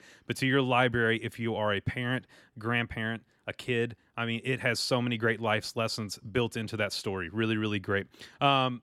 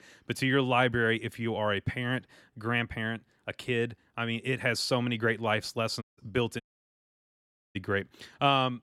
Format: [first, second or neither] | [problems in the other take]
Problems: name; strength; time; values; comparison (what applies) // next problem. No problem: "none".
first | audio cutting out; at 6 s and at 6.5 s for 1 s